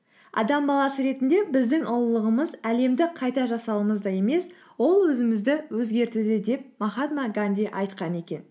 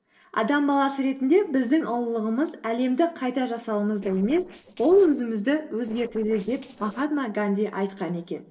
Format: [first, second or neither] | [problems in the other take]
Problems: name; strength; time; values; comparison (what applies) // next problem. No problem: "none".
first | noise reduction (neural separator model SepFormer DNS4)